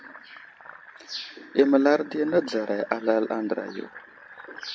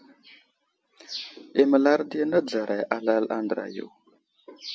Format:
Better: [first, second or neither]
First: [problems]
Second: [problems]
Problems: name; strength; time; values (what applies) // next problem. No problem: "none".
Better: second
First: background sound (Fill (with liquid)); 19 dB below the speech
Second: none